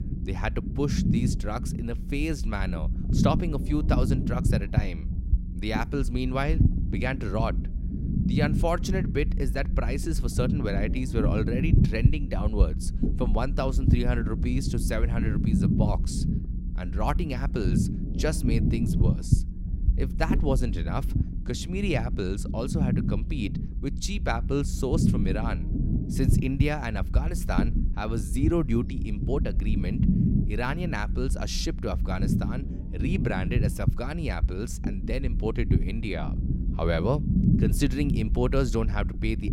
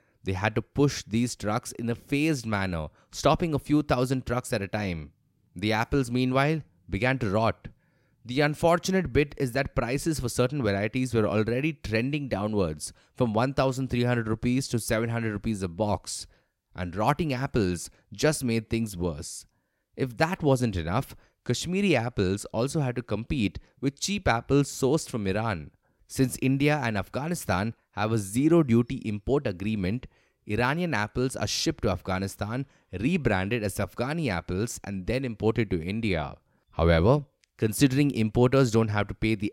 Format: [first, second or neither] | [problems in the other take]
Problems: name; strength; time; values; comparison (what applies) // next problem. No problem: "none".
second | low rumble; loud; throughout; 6 dB below the speech